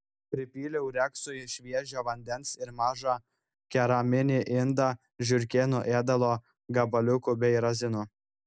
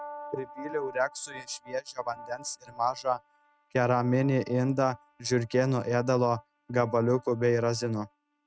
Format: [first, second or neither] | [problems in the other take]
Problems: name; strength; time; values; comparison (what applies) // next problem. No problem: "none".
first | noise reduction (neural mask model RNNoise)